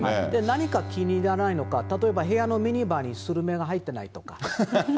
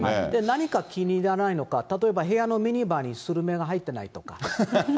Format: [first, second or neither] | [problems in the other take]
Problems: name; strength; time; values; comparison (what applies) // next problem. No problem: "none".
second | background sound (Bowed string instrument); 11 dB below the speech